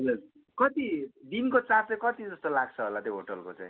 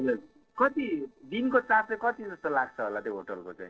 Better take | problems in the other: first | noise reduction (neural separator model SepFormer DNS4)

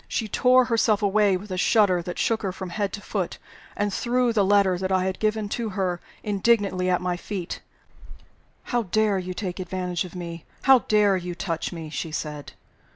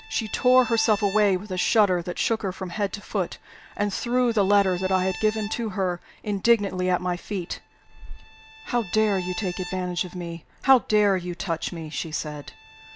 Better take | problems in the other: first | background sound (Bowed string instrument); 17 dB below the speech

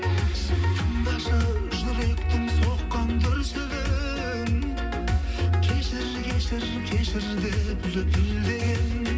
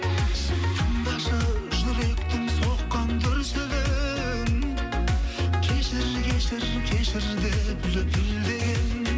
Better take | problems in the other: second | background sound (Bass guitar); 18 dB below the speech // room echo; dies away in 0.3 s

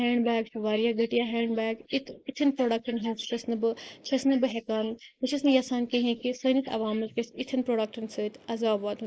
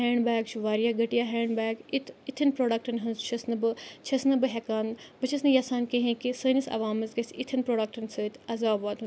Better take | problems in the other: second | noise reduction (neural mask model Resemble Enhance denoiser)

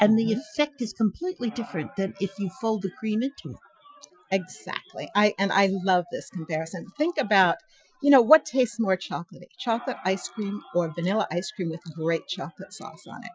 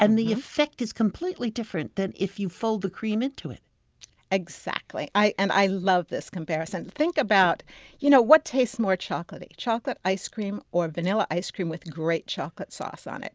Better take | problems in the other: second | noise reduction (classical method Wiener filter)

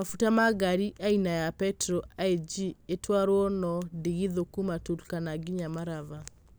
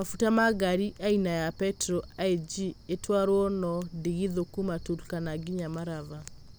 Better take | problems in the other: first | background sound (Cricket); 19 dB below the speech

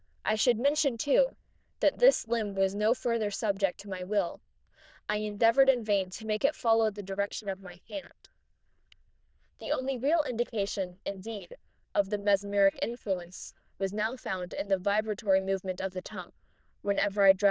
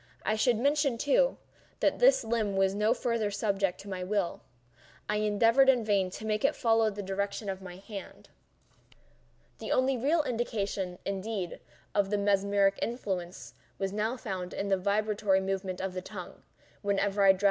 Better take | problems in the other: second | noise reduction (neural diffusion model UNIVERSE++)

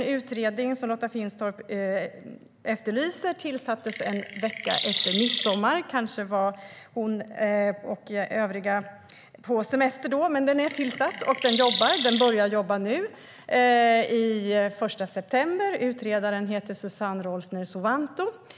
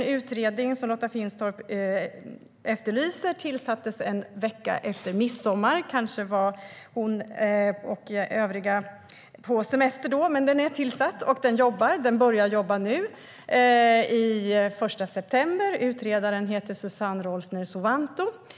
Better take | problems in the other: second | background sound (Chirp, tweet); 4 dB below the speech

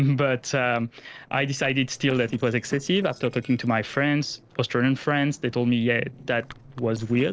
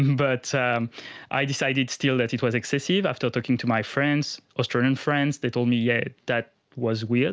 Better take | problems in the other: second | noise reduction (neural separator model SepFormer DNS4)

